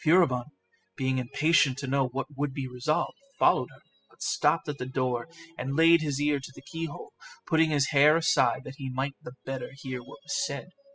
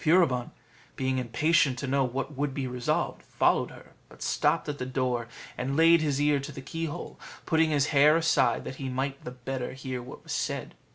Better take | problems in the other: second | noise reduction (classical method spectral subtraction)

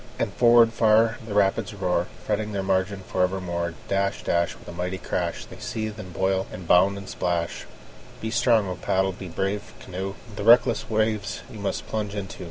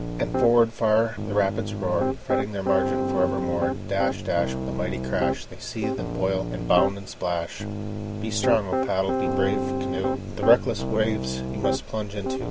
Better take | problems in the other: first | background sound (Piano); 2 dB below the speech

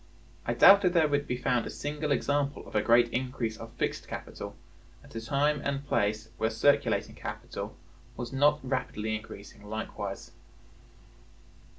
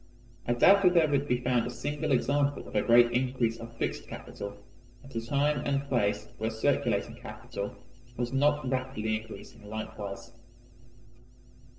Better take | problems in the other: first | noise reduction (neural separator model SepFormer DNS4)

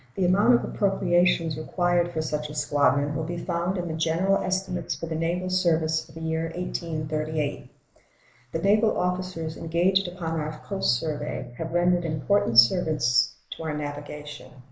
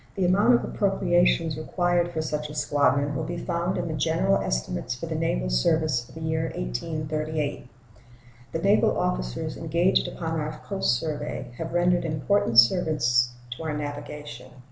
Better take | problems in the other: second | noise reduction (neural mask model Resemble Enhance denoiser)

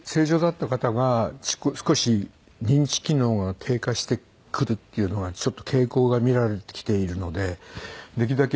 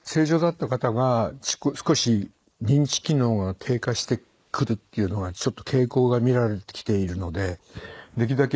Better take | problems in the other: first | noise reduction (neural mask model Resemble Enhance denoiser)

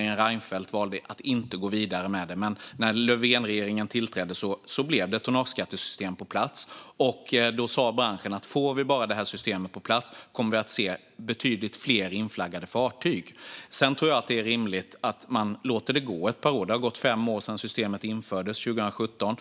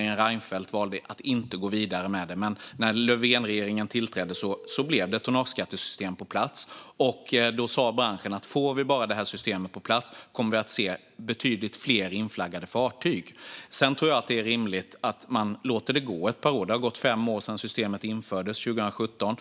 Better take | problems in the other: first | background sound (Telephone); 16 dB below the speech

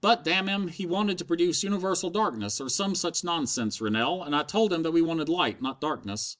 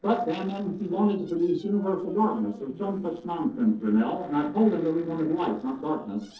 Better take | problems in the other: first | noise reduction (neural separator model SepFormer DNS4)

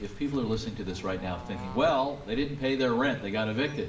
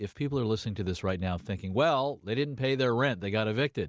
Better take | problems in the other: second | background sound (Bird / Fowl); 15 dB below the speech // room echo; dies away in 0.6 s

